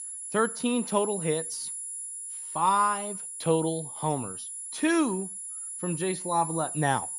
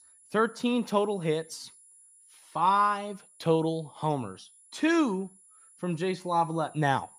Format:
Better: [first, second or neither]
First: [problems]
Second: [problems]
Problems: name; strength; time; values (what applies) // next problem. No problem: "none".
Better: second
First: high-pitched whine; loud; throughout; 10.5 kHz, 6 dB below the speech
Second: high-pitched whine; faint; throughout; 10.5 kHz, 25 dB below the speech